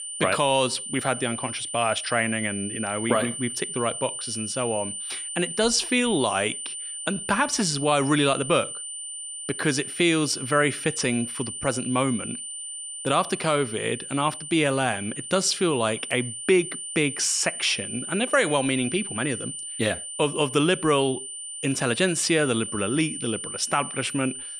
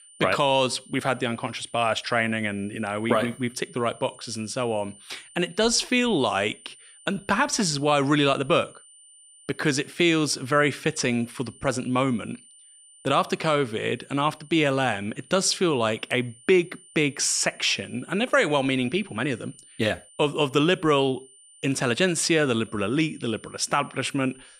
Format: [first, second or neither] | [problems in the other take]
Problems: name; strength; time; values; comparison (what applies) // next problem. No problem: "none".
second | high-pitched whine; loud; throughout; 9 kHz, 7 dB below the speech; faint in the second